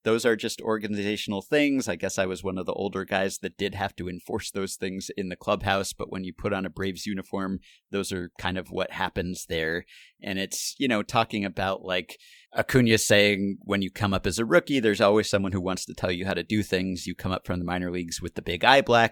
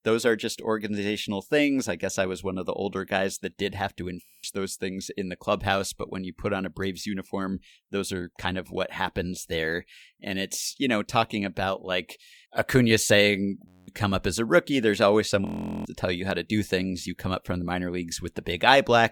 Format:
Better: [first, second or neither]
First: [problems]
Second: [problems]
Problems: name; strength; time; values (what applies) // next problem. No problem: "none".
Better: first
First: none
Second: audio freezing; at 4 s, at 14 s and at 15 s